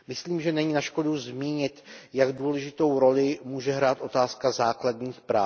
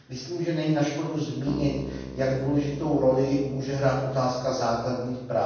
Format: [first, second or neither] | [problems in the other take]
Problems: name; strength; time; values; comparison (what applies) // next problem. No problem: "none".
first | background sound (Keyboard (musical)); 13 dB below the speech // room echo; dies away in 1.2 s